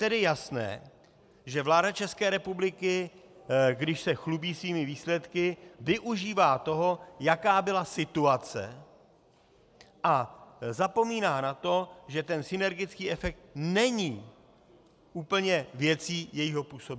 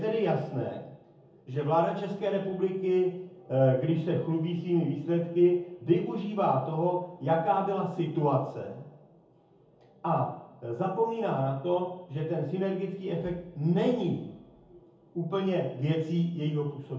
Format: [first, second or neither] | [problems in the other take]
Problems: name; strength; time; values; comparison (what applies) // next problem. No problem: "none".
first | room echo; dies away in 0.7 s